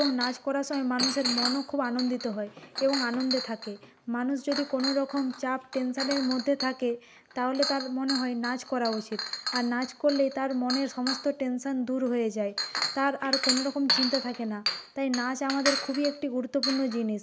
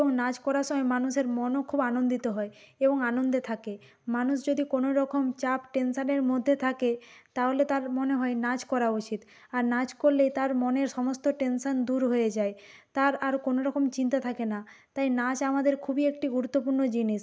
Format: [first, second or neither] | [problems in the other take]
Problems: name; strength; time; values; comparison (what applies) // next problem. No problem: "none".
second | background sound (Chink, clink); 6 dB below the speech